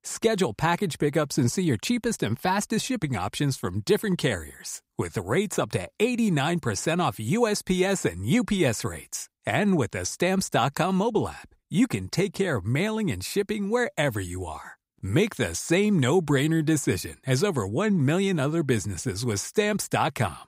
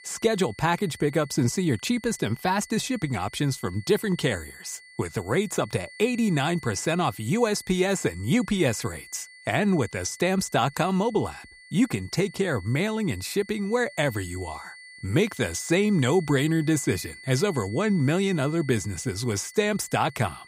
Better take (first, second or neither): first